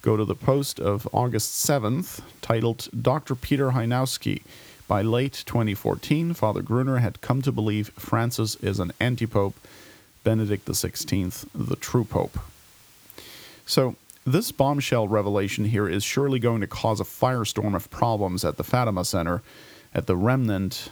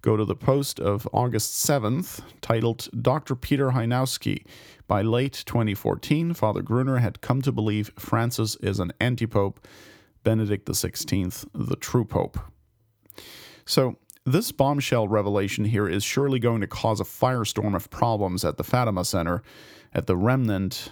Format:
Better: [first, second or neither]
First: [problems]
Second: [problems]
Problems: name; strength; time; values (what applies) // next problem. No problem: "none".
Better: second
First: hiss; faint; throughout; 30 dB below the speech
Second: none